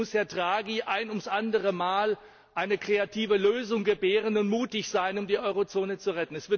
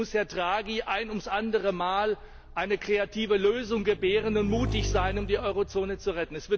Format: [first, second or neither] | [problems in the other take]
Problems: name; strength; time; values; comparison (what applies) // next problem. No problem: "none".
first | background sound (Motorcycle / Engine); 10 dB below the speech